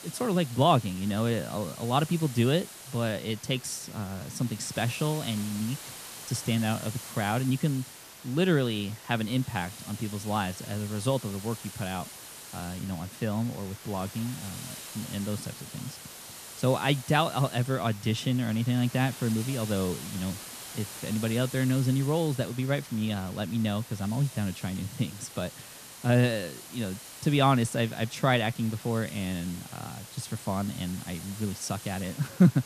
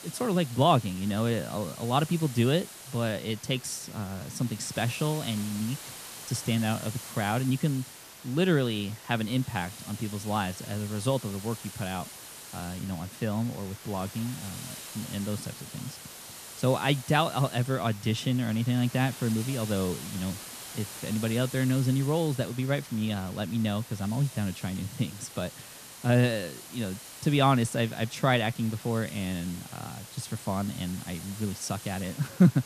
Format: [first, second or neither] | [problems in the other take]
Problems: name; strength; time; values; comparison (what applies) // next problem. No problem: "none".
neither | hiss; noticeable; throughout; 15 dB below the speech; the same in both